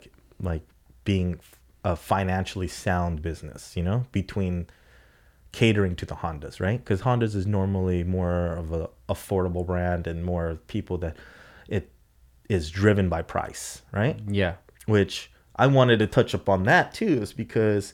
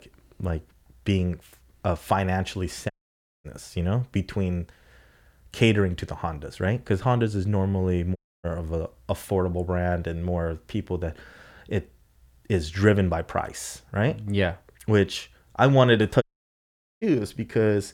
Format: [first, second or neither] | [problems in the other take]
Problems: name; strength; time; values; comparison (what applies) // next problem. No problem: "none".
first | audio cutting out; at 3 s for 0.5 s, at 8 s and at 16 s for 1 s